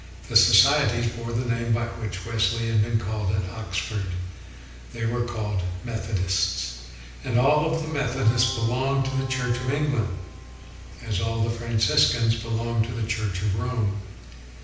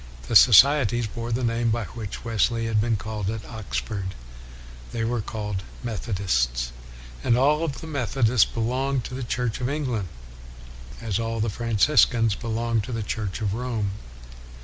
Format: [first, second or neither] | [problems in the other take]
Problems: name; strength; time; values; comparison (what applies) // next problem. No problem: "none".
second | background sound (Keyboard (musical)); 18 dB below the speech // room echo; dies away in 0.9 s